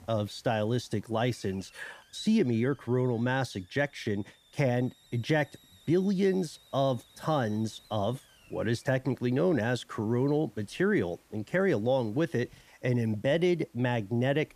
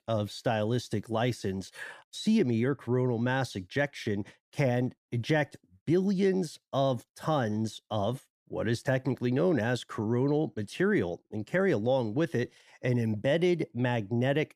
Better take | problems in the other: second | hiss; faint; throughout; 30 dB below the speech

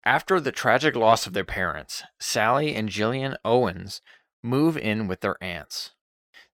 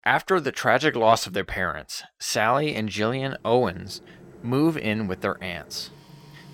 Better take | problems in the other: first | household noises; faint; from 3 s on; 25 dB below the speech

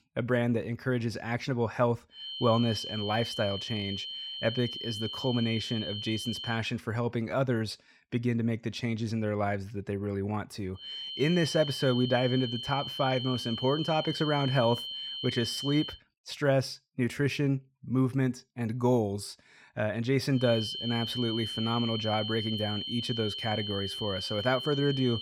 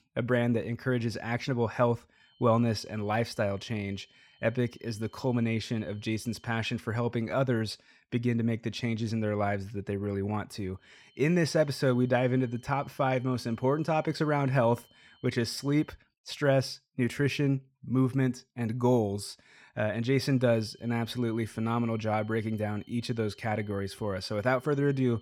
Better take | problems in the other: second | high-pitched whine; loud; from 2 to 6.5 s, from 11 to 16 s and from 20 s on; 3 kHz, 5 dB below the speech; faint in the second

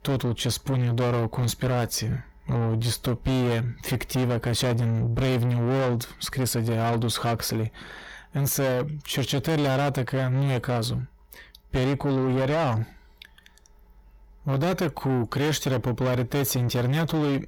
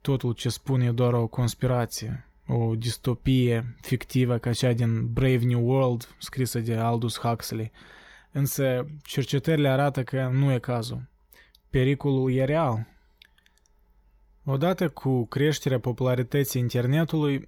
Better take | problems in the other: second | distortion; heavy; 7 dB below the speech

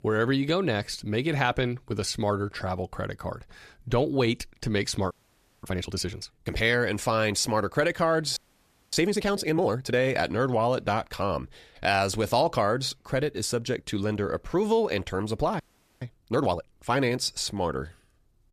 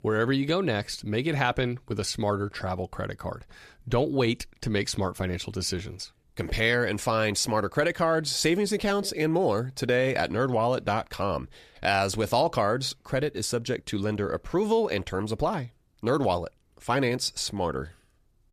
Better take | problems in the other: second | audio freezing; at 5 s for 0.5 s, at 8.5 s for 0.5 s and at 16 s

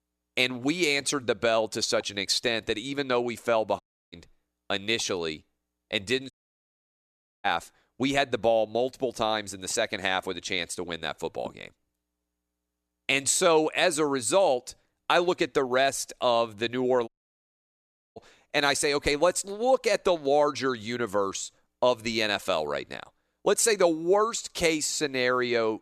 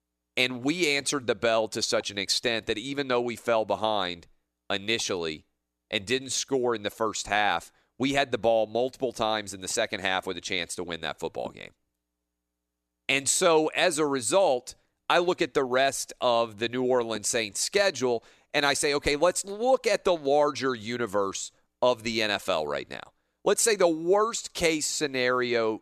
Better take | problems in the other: second | audio cutting out; at 4 s, at 6.5 s for 1 s and at 17 s for 1 s

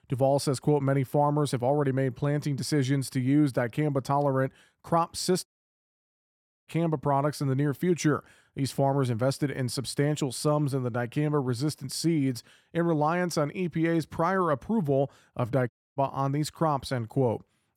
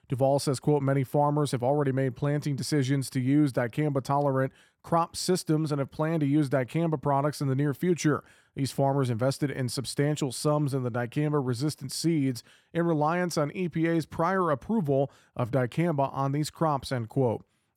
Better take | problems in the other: second | audio cutting out; at 5.5 s for 1 s and at 16 s

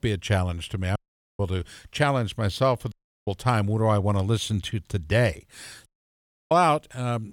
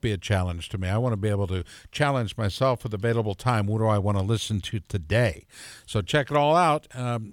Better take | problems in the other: second | audio cutting out; at 1 s, at 3 s and at 6 s for 0.5 s

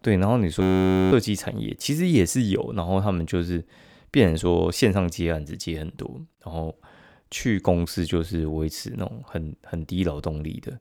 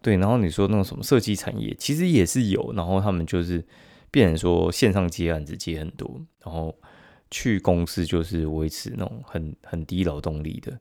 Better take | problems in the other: second | audio freezing; at 0.5 s for 0.5 s

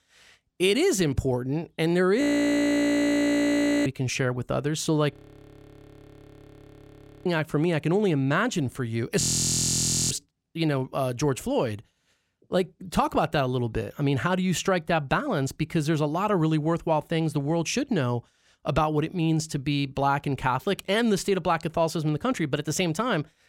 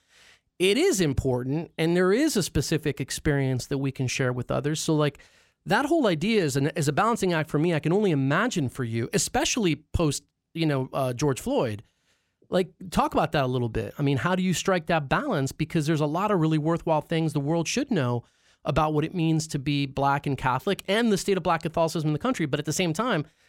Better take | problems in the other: second | audio freezing; at 2 s for 1.5 s, at 5 s for 2 s and at 9 s for 1 s

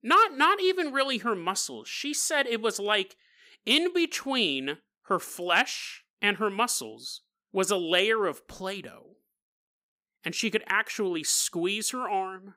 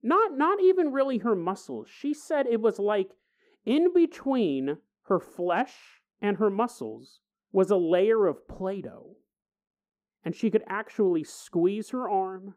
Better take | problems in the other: first | muffled; very; fading above 1.5 kHz

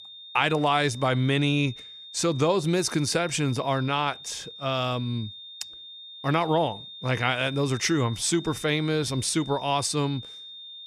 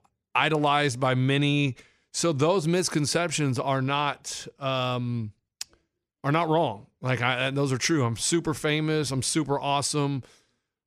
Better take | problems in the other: second | high-pitched whine; noticeable; throughout; 3.5 kHz, 15 dB below the speech

